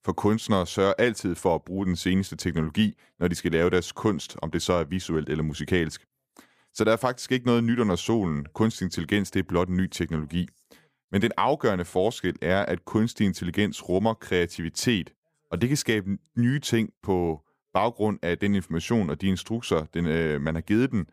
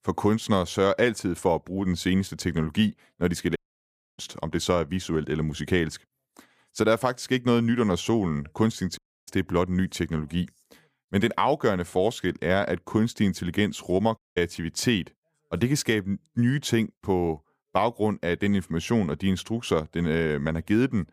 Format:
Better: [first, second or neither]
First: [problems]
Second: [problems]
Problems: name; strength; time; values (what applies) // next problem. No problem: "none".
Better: first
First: none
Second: audio cutting out; at 3.5 s for 0.5 s, at 9 s and at 14 s